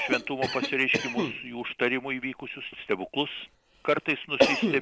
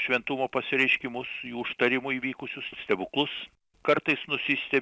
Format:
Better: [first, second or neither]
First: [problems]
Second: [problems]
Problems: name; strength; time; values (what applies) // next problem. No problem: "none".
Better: second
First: background sound (Cough); 2 dB below the speech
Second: none